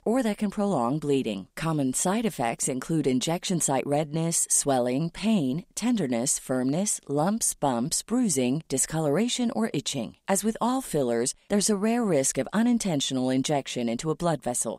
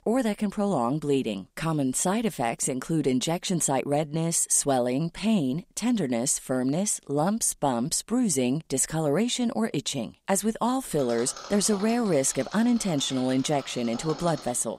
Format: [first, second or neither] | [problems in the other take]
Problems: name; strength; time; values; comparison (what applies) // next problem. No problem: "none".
first | machinery noise; noticeable; from 11 s on; 15 dB below the speech